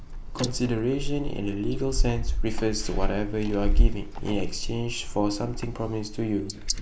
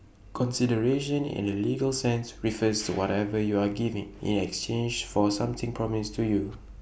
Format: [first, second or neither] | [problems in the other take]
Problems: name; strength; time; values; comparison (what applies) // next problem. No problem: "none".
second | noise reduction (neural mask model Resemble Enhance denoiser)